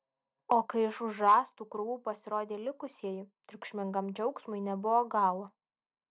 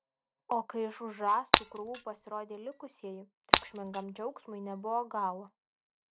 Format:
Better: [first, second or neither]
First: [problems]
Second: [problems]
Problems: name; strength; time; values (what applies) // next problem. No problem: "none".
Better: first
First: none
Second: background sound (Shatter); 4 dB above the speech